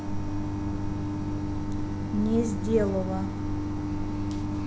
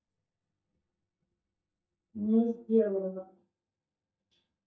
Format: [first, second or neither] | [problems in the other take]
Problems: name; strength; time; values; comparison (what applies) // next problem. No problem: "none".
first | noise reduction (neural mask model DeepFilterNet 3)